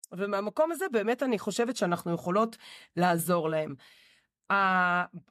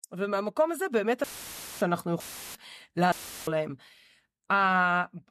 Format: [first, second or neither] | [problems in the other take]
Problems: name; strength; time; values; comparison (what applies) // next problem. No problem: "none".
first | audio cutting out; filled with static; at 1 s for 0.5 s, at 2 s and at 3 s